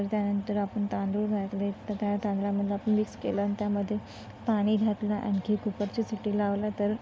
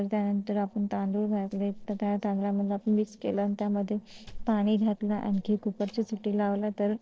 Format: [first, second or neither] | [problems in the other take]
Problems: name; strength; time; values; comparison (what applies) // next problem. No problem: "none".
first | noise reduction (neural separator model SepFormer DNS4)